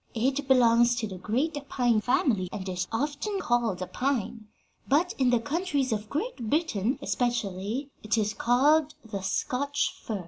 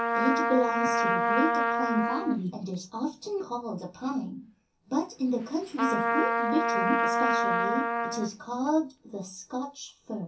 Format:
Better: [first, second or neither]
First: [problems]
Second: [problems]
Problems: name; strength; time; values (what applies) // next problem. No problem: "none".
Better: first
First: none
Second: background sound (Trumpet); 1 dB above the speech // room echo; dies away in 0.3 s